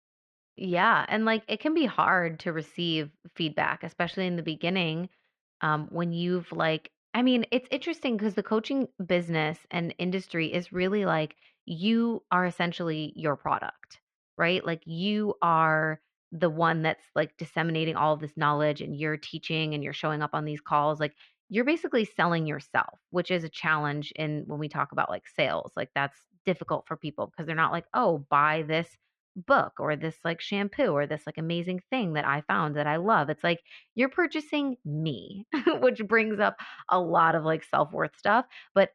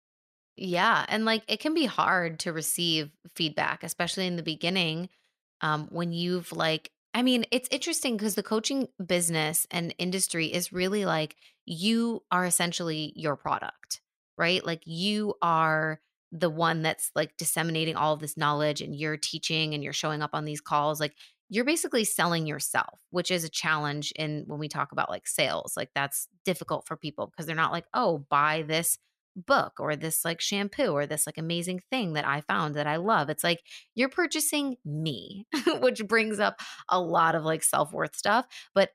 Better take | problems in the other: second | muffled; very; fading above 2.5 kHz

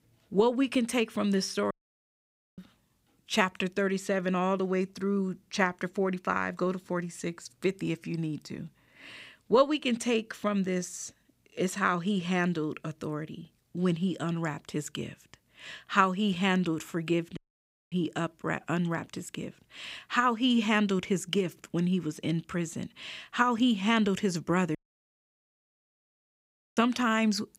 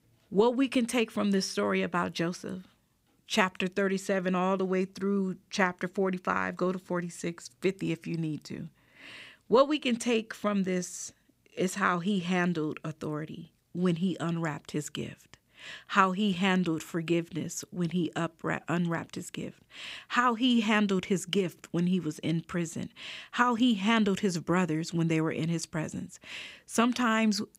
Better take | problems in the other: second | audio cutting out; at 1.5 s for 1 s, at 17 s for 0.5 s and at 25 s for 2 s

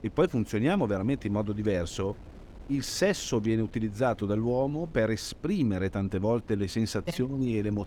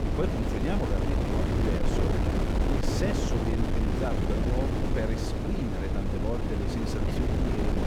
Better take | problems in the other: first | wind noise on the microphone; heavy; 3 dB above the speech; occasional gusts in the first

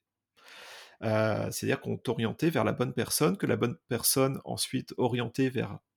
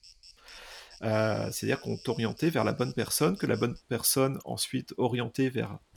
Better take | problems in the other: first | animal sounds; noticeable; throughout; 20 dB below the speech

